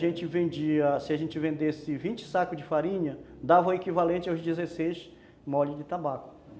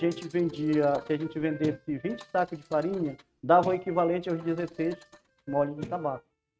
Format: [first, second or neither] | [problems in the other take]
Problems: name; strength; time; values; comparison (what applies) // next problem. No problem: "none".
first | noise reduction (neural mask model RNNoise)